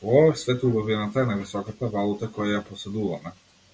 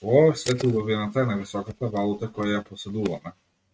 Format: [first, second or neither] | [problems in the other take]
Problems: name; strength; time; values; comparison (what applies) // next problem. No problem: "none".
first | noise reduction (neural mask model RNNoise)